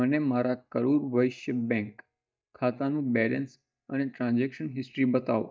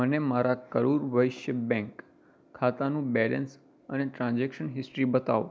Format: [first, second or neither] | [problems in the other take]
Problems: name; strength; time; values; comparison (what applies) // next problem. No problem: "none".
second | noise reduction (neural mask model DeepFilterNet 3)